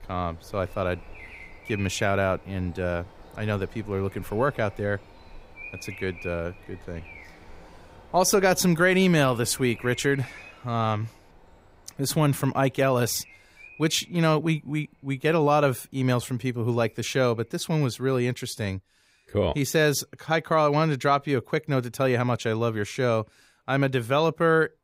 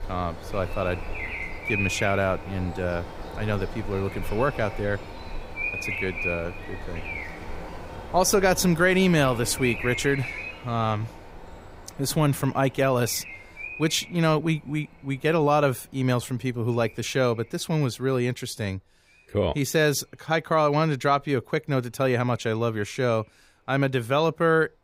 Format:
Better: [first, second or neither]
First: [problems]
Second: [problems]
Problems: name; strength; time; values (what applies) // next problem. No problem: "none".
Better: first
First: animal sounds; faint; throughout; 20 dB below the speech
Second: animal sounds; loud; throughout; 9 dB below the speech